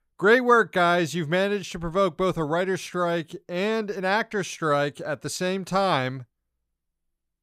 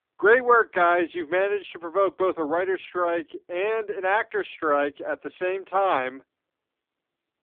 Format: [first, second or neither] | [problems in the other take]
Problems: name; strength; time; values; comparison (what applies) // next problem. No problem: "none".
first | phone-call audio; poor line; nothing above 3.5 kHz